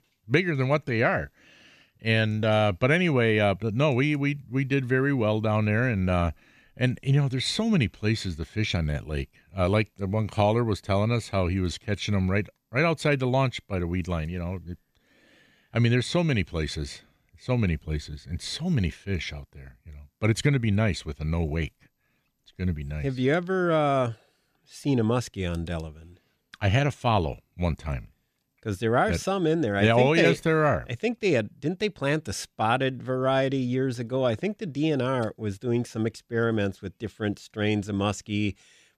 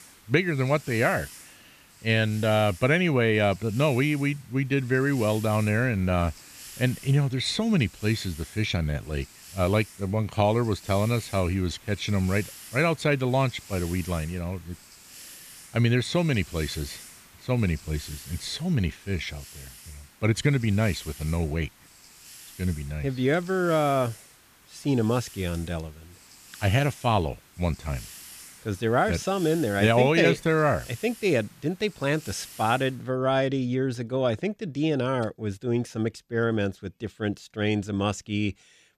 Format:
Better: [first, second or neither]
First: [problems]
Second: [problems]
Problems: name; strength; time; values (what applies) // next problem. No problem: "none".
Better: first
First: none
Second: hiss; noticeable; until 33 s; 20 dB below the speech